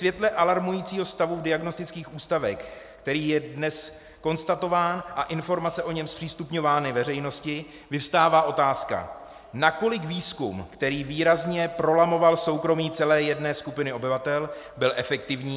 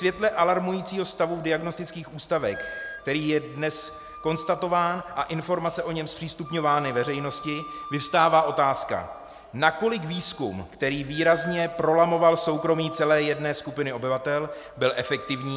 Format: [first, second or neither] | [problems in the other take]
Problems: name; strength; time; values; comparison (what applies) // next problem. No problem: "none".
first | background sound (Wind instrument, woodwind instrument); 18 dB below the speech